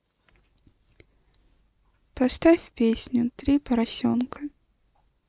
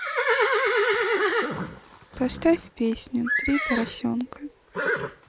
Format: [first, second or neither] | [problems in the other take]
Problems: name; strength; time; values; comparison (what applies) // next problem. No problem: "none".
first | background sound (Livestock, farm animals, working animals); 2 dB above the speech